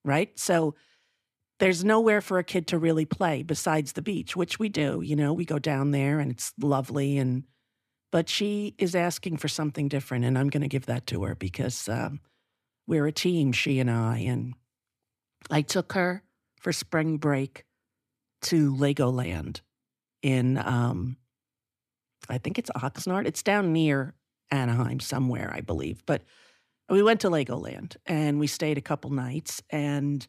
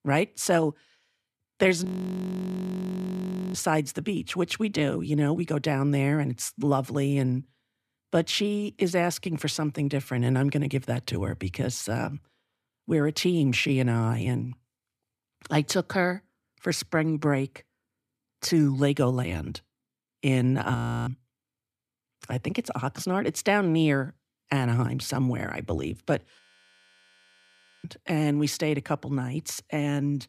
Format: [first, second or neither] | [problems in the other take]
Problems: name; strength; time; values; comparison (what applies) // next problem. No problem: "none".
first | audio freezing; at 2 s for 1.5 s, at 21 s and at 26 s for 1.5 s